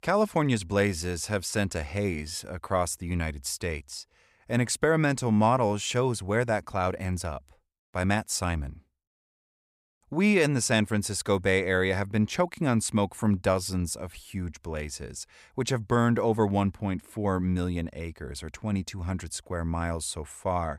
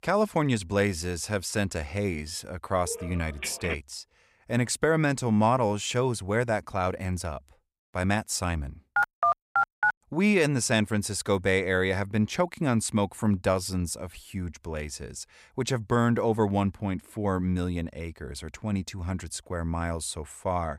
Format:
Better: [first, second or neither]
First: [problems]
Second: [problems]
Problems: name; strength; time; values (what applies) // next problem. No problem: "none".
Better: first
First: none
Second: phone ringing; noticeable; at 3 s; peak 7 dB below the speech // phone ringing; loud; at 9 s; peak 3 dB above the speech